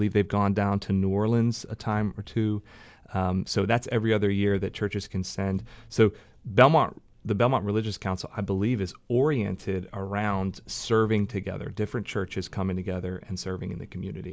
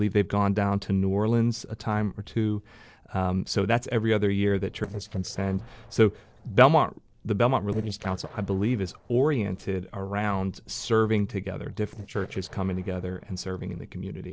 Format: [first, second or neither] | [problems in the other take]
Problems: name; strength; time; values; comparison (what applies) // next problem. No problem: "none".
first | noise reduction (neural separator model SepFormer DNS4)